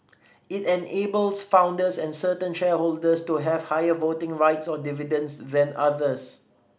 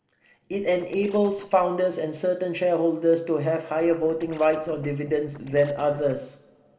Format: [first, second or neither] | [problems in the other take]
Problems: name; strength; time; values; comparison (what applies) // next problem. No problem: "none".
first | noise reduction (neural separator model SepFormer DNS4)